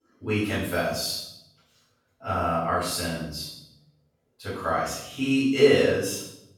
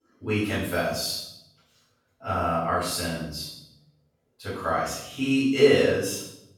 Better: neither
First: off-mic speech; far // room echo; strong; dies away in 0.7 s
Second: off-mic speech; far // room echo; strong; dies away in 0.7 s

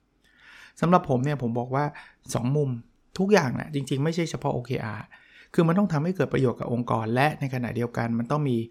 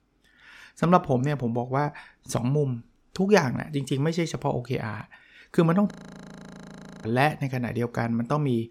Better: first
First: none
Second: audio freezing; at 6 s for 1 s

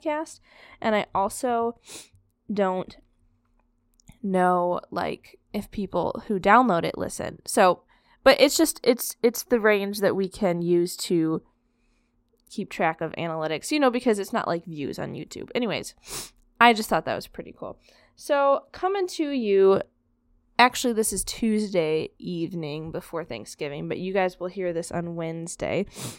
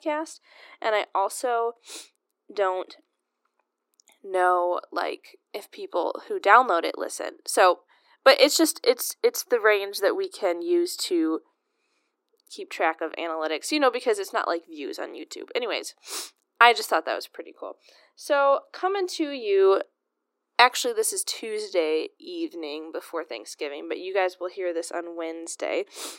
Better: first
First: none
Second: thin; somewhat; fading below 300 Hz

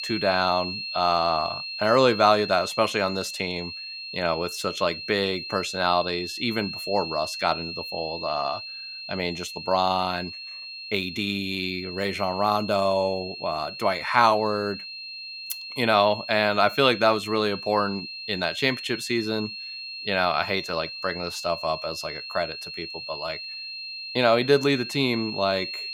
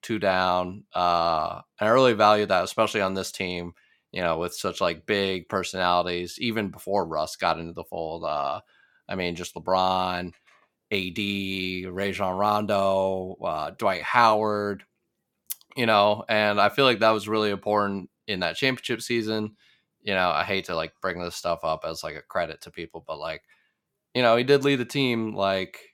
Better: second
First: high-pitched whine; loud; throughout; 4 kHz, 8 dB below the speech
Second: none

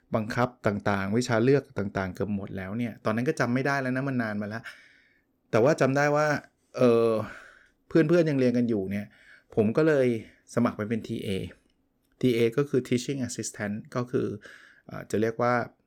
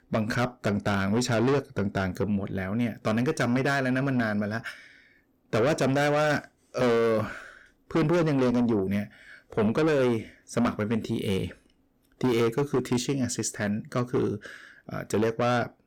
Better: first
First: none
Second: distortion; heavy; 8 dB below the speech

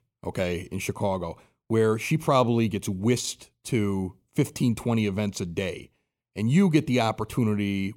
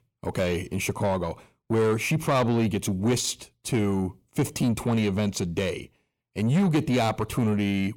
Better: first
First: none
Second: distortion; slight; 10 dB below the speech

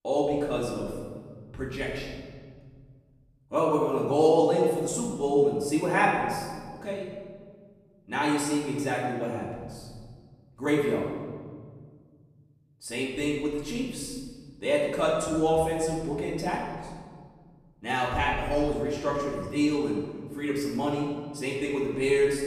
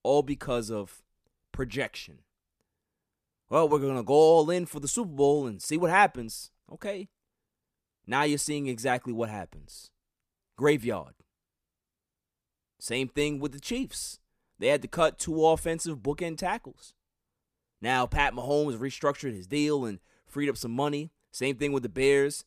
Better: second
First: room echo; noticeable; dies away in 1.8 s // off-mic speech; far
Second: none

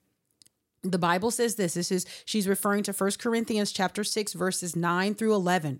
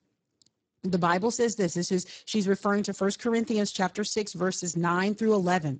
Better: first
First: none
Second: garbled, watery; badly; nothing above 7.5 kHz

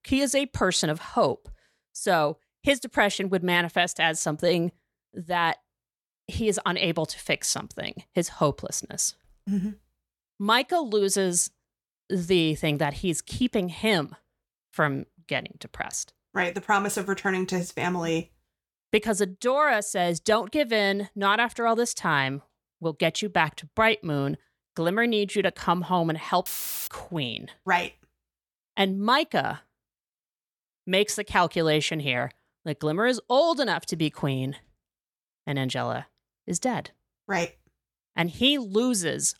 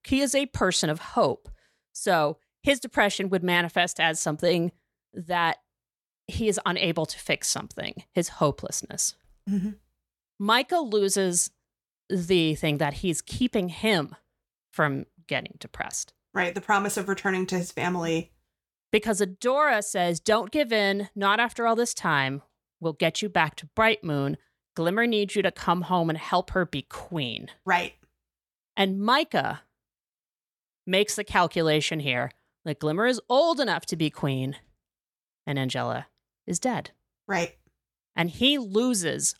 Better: second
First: audio cutting out; filled with static; at 26 s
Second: none

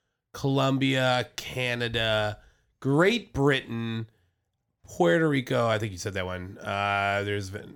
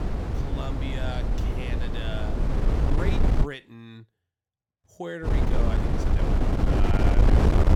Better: first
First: none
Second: wind noise on the microphone; heavy; until 3.5 s and from 5.5 s on; 4 dB above the speech

